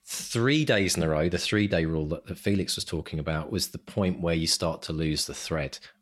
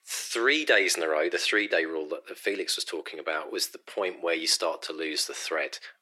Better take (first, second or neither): first